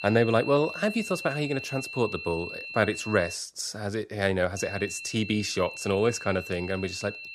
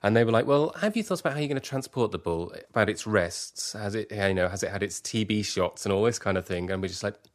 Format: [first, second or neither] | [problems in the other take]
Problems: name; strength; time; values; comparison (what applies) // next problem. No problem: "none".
second | high-pitched whine; loud; until 3.5 s and from 4.5 s on; 2.5 kHz, 9 dB below the speech